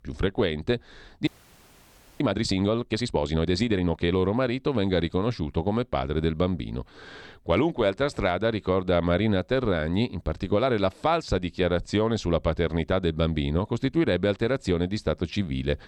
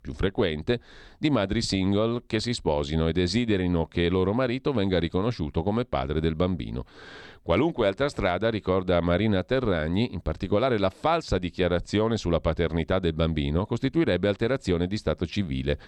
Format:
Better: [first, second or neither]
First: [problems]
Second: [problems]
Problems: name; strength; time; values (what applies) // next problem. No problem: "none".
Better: second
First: audio freezing; at 1.5 s for 1 s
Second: none